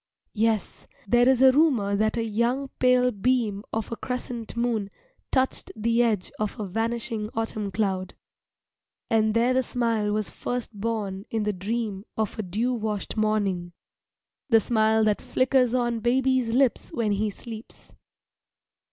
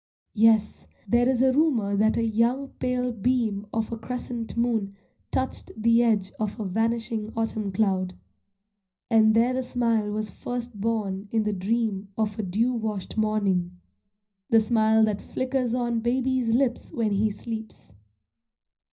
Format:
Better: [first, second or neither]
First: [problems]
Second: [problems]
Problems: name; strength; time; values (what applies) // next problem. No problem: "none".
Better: first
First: none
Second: room echo; dies away in 0.5 s